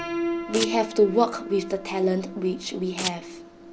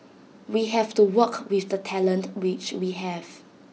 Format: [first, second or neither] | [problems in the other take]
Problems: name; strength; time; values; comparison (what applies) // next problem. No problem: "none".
second | background sound (Piano + Domestic sounds, home sounds); 6 dB below the speech